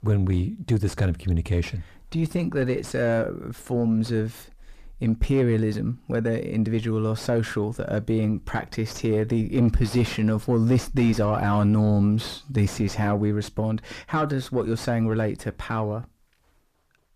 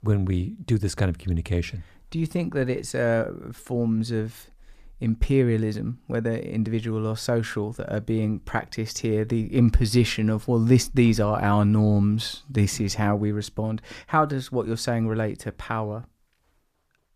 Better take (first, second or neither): second